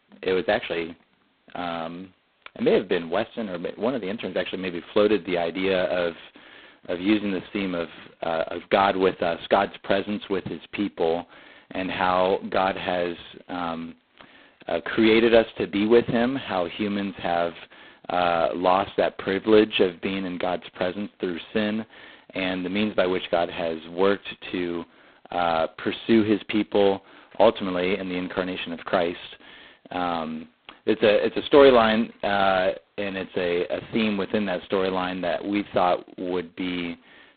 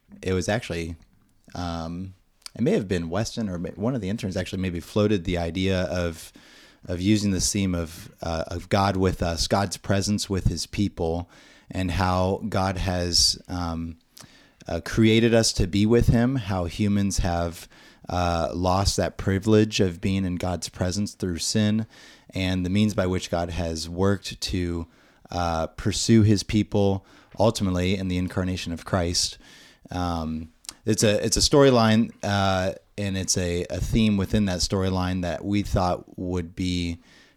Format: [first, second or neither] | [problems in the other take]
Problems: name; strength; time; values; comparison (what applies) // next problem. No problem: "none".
second | phone-call audio; poor line; nothing above 4 kHz